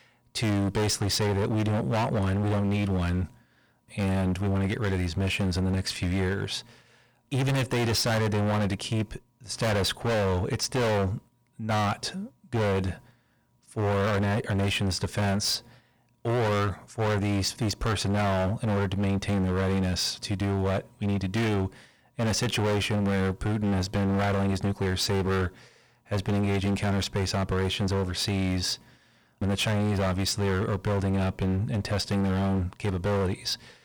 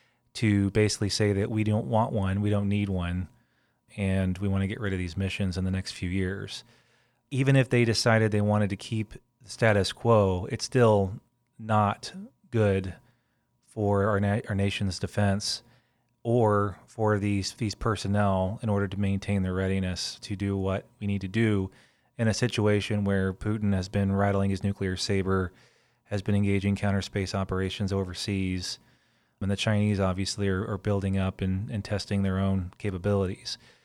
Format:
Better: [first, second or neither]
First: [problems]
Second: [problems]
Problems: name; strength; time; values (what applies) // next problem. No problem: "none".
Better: second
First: distortion; heavy; 30% of the sound clipped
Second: none